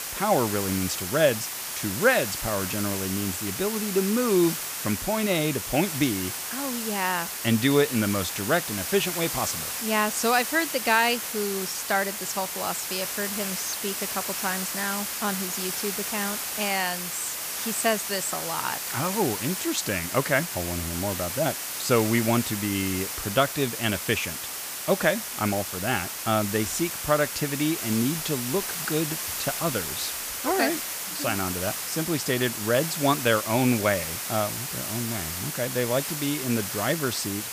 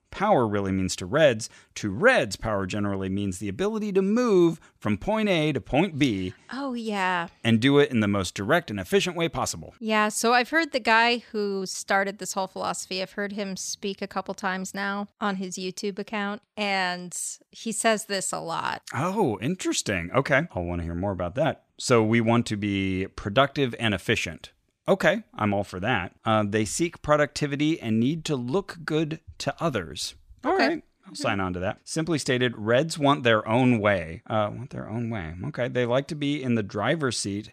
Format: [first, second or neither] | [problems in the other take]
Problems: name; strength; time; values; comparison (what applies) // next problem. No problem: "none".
second | hiss; loud; throughout; 3 dB below the speech